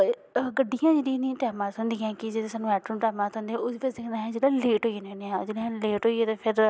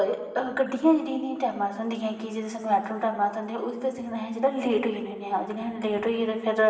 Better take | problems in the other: first | room echo; dies away in 1.2 s

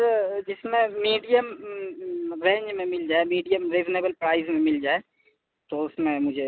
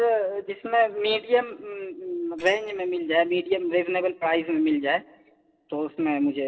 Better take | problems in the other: first | noise reduction (neural separator model SepFormer DNS4)

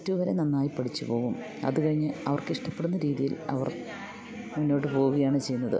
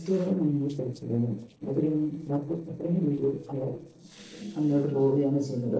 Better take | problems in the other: first | noise reduction (neural separator model SepFormer DNS4)

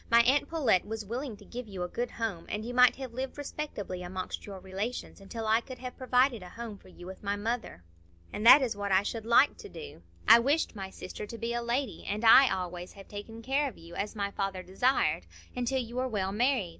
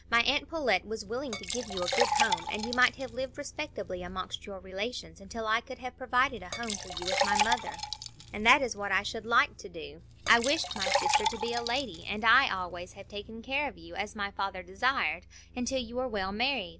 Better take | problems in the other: first | background sound (Liquid); 3 dB below the speech

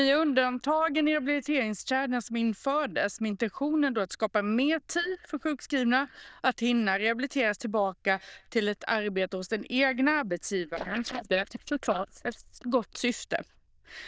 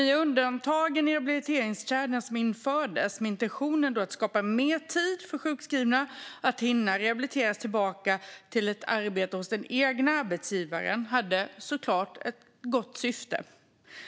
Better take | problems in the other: second | noise reduction (neural diffusion model UNIVERSE++)

